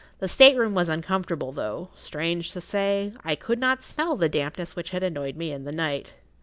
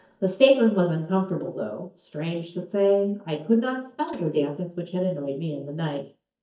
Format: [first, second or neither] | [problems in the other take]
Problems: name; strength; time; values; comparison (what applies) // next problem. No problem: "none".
first | noise reduction (neural mask model DeepFilterNet 3)